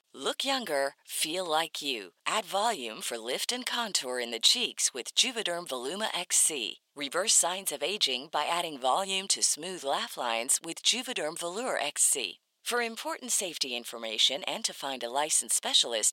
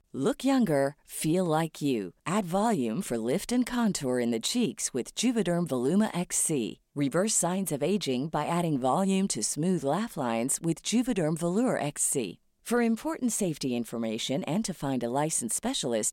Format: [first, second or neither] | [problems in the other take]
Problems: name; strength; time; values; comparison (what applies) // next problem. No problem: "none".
second | thin; very; fading below 700 Hz